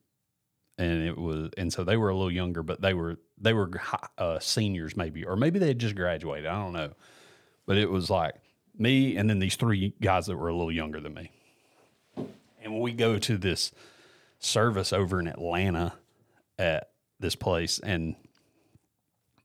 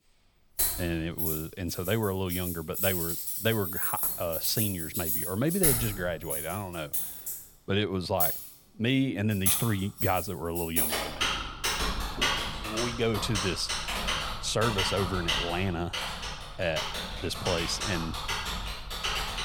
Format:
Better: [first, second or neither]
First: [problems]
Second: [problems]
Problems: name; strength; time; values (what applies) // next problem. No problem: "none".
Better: first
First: none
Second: household noises; very loud; throughout; 1 dB above the speech